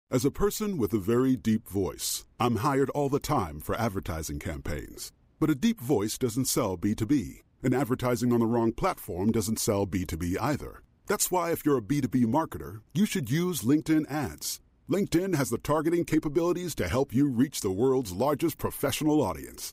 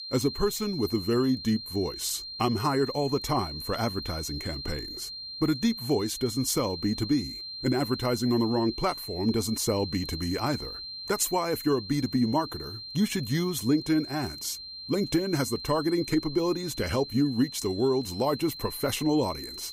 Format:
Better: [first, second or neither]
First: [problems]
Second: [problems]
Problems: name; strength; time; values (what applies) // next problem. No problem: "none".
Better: first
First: none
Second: high-pitched whine; loud; throughout; 4 kHz, 9 dB below the speech